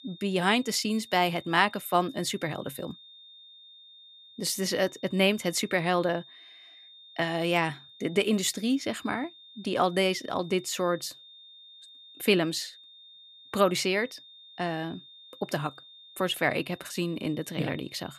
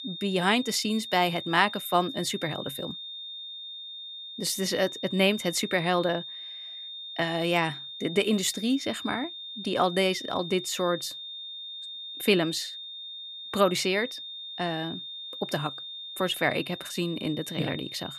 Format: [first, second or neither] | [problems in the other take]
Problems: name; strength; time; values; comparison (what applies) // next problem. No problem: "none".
first | high-pitched whine; loud; throughout; 3.5 kHz, 9 dB below the speech; faint in the first